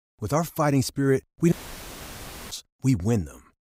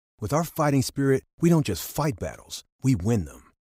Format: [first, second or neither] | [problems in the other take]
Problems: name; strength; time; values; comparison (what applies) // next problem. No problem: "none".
second | audio cutting out; filled with static; at 1.5 s for 1 s